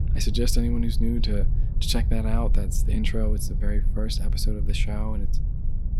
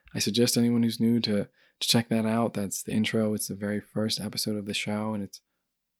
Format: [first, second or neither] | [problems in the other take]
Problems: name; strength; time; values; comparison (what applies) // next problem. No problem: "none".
second | low rumble; noticeable; throughout; 10 dB below the speech